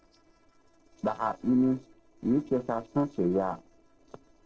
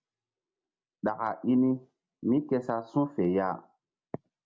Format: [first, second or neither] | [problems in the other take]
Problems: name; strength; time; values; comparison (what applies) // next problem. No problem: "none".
second | noise reduction (neural separator model SepFormer DNS4)